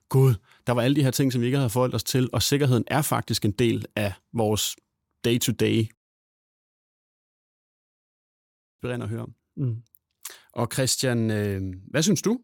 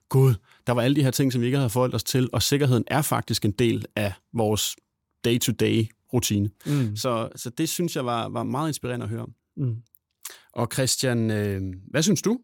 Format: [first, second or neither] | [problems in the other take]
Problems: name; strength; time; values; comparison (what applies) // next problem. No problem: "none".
second | audio cutting out; at 6 s for 3 s